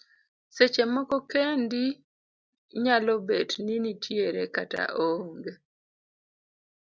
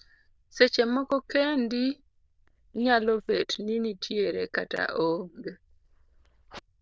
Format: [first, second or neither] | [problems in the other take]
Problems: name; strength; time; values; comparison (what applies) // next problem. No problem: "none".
first | noise reduction (neural diffusion model UNIVERSE++)